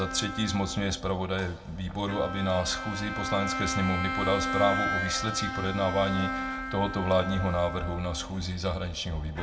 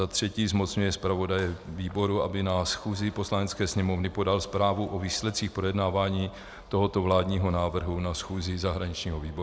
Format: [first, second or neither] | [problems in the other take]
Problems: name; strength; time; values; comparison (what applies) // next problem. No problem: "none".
second | background sound (Bowed string instrument); 5 dB below the speech // room echo; dies away in 0.2 s